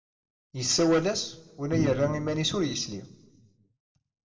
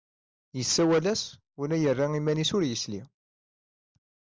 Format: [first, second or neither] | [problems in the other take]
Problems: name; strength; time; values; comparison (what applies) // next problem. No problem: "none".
second | background sound (Organ); 6 dB below the speech // room echo; dies away in 0.5 s